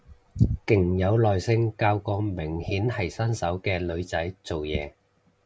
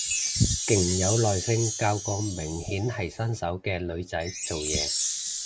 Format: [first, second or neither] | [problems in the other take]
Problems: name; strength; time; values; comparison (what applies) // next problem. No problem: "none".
first | background sound (Chime); 4 dB below the speech